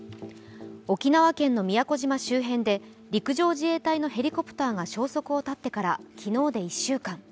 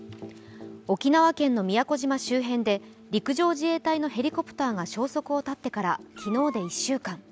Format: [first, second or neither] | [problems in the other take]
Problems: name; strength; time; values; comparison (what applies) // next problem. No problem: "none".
first | background sound (Meow); 18 dB below the speech